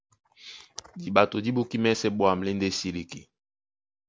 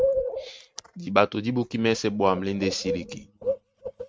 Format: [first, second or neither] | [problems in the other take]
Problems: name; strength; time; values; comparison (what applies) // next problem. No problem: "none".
first | noise reduction (neural mask model RNNoise)